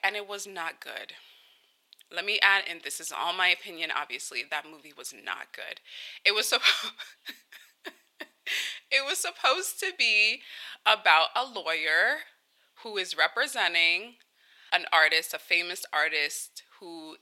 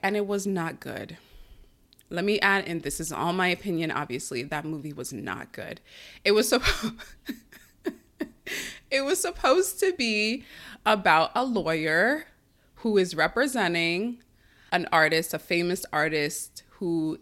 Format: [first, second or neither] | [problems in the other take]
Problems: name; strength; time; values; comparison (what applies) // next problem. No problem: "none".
second | thin; very; fading below 800 Hz